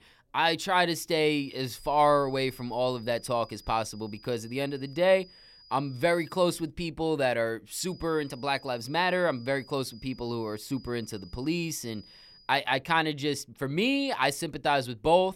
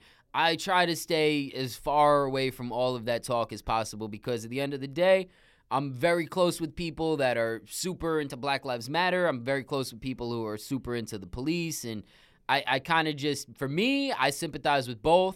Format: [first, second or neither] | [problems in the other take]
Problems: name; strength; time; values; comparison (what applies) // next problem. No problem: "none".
second | high-pitched whine; faint; from 1.5 to 6.5 s and from 8 to 12 s; 5 kHz, 25 dB below the speech